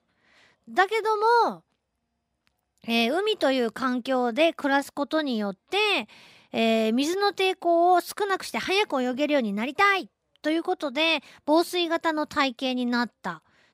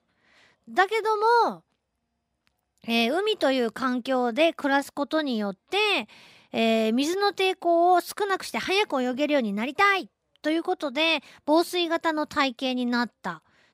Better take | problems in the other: neither | none

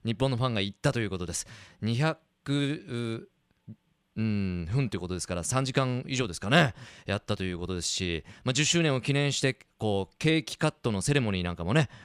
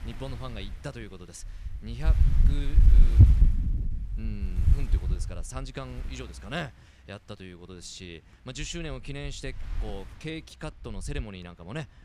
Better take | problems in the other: first | wind noise on the microphone; heavy; 3 dB below the speech

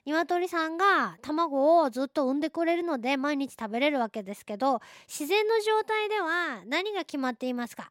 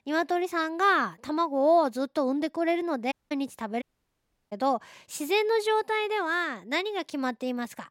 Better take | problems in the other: first | audio cutting out; at 3 s and at 4 s for 0.5 s

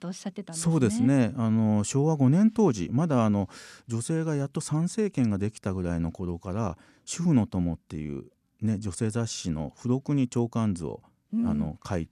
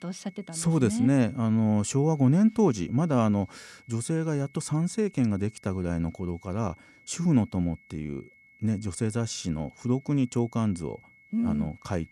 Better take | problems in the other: first | high-pitched whine; faint; throughout; 2 kHz, 30 dB below the speech

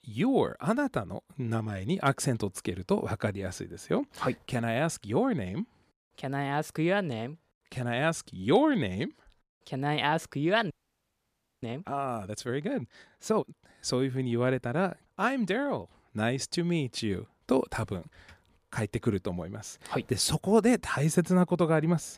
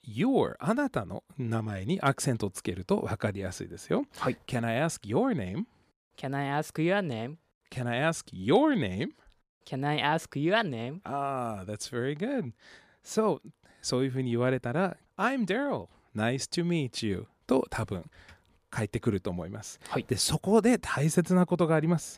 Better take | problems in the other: second | audio freezing; at 11 s for 1 s

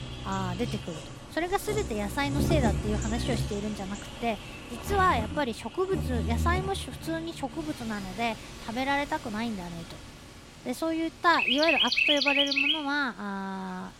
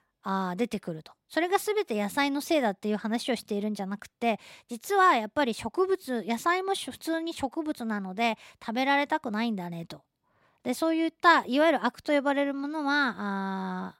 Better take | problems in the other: second | animal sounds; very loud; throughout; 1 dB above the speech

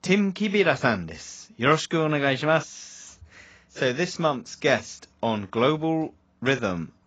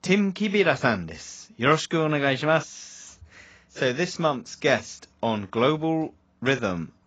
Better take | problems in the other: neither | garbled, watery; badly; nothing above 7.5 kHz; the same in both

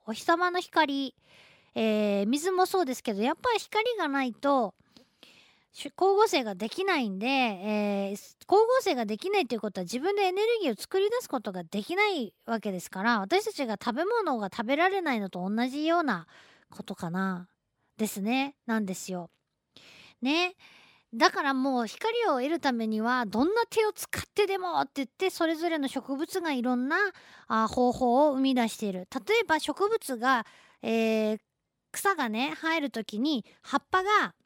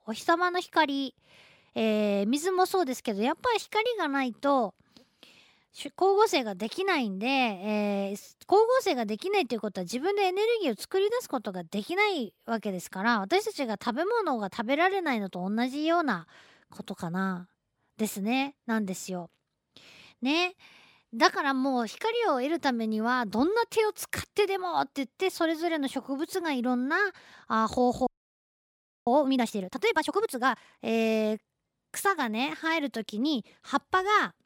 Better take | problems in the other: first | audio freezing; at 28 s for 1 s

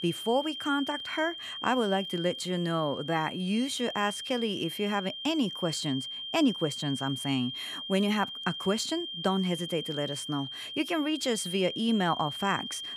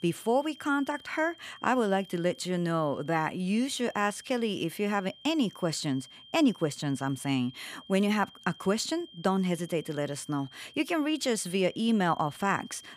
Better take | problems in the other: second | high-pitched whine; loud; throughout; 3 kHz, 6 dB below the speech; faint in the second

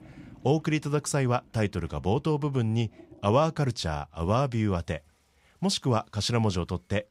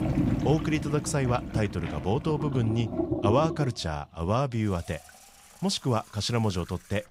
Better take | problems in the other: first | household noises; loud; throughout; 3 dB below the speech; faint in the first

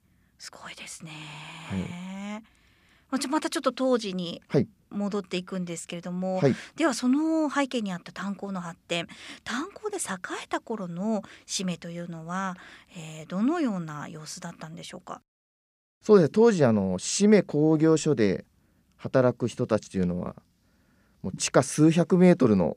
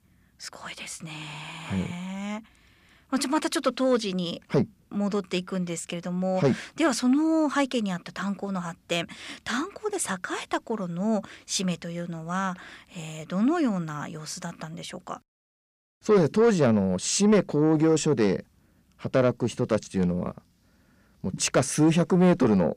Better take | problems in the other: first | distortion; slight; 10 dB below the speech

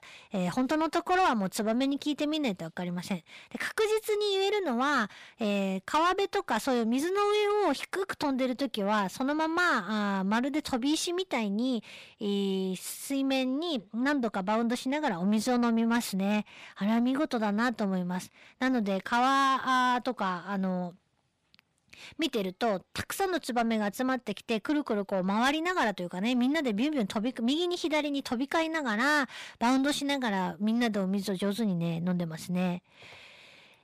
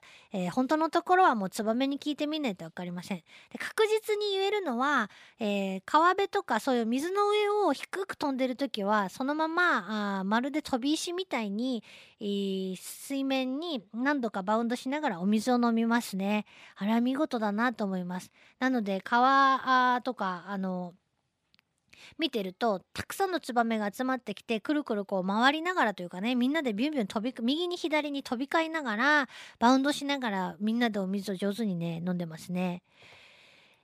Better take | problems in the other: second | distortion; slight; 10 dB below the speech

